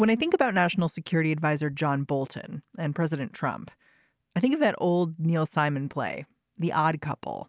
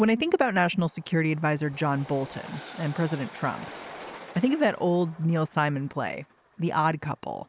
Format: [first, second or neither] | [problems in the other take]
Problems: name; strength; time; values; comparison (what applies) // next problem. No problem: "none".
first | background sound (Train); 19 dB below the speech